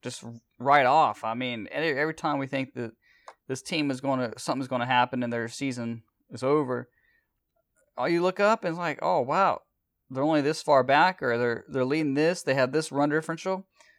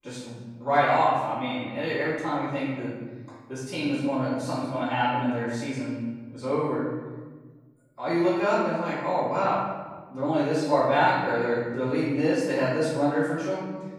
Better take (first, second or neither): first